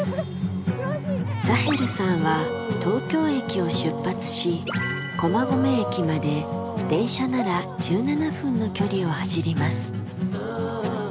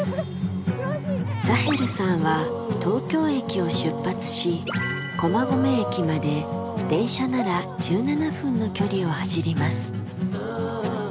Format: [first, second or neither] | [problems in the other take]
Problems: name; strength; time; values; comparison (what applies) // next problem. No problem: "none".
second | background sound (Trumpet); 20 dB below the speech